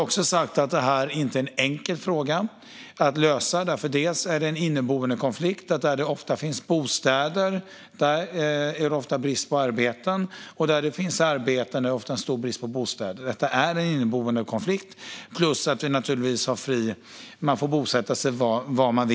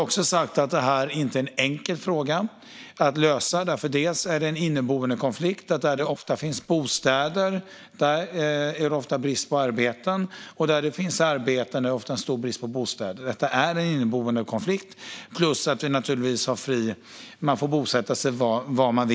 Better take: first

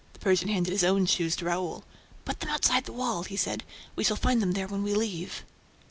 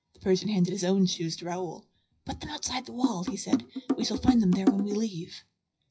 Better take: first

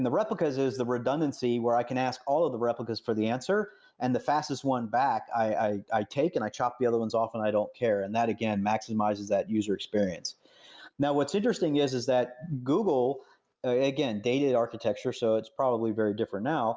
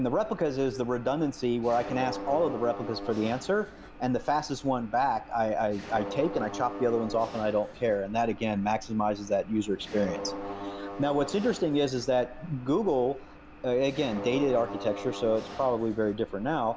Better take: first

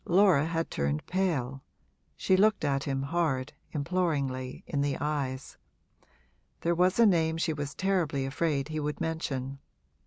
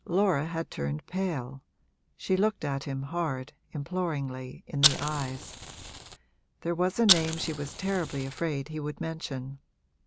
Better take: first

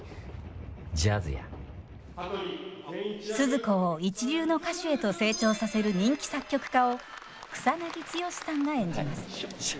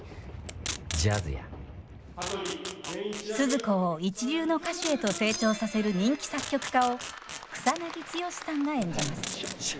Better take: first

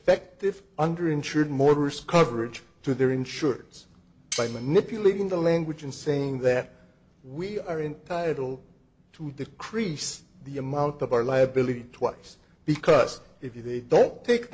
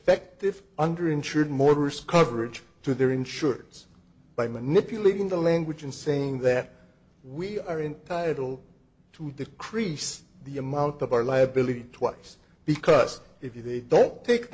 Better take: second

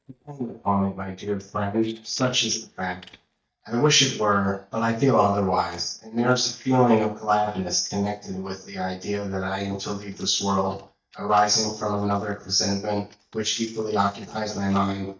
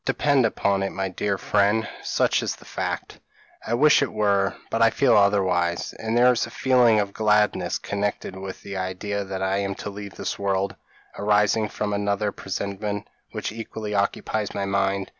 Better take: second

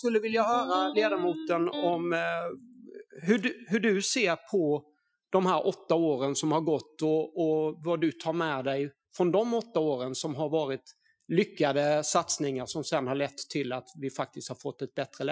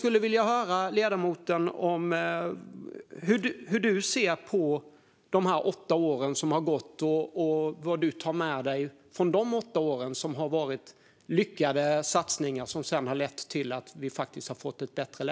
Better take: second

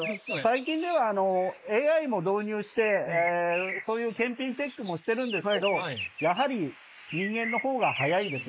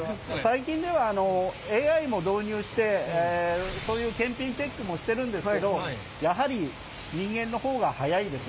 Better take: second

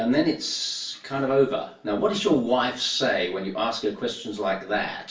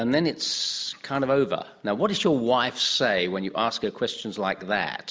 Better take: second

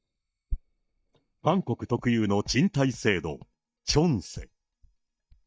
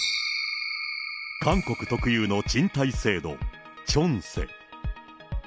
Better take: second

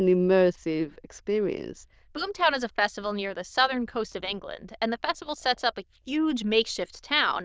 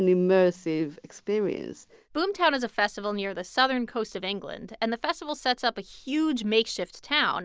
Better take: second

